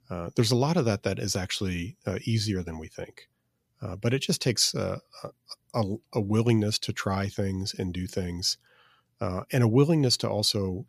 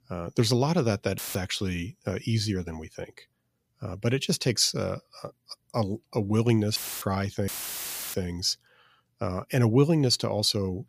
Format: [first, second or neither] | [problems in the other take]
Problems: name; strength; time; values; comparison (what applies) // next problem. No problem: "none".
first | audio cutting out; filled with static; at 1 s, at 7 s and at 7.5 s for 0.5 s